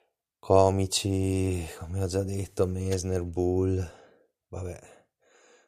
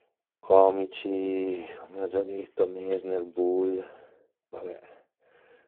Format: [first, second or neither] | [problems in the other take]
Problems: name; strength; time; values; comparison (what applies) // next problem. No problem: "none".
first | phone-call audio; poor line